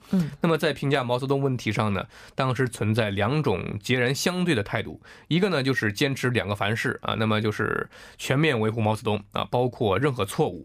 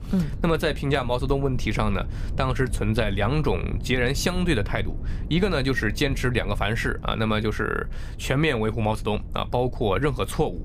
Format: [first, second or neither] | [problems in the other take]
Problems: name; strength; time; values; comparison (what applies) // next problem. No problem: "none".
first | low rumble; faint; throughout; 20 dB below the speech